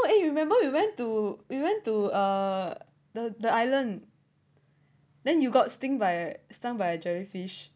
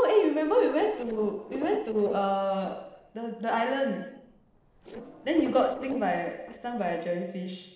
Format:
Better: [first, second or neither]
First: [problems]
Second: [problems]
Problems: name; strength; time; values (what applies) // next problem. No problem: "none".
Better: first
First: none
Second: noise reduction (neural separator model SepFormer DNS4)